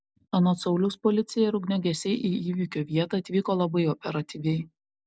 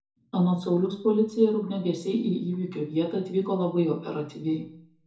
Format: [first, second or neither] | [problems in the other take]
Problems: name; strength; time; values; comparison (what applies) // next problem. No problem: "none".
first | room echo; dies away in 0.6 s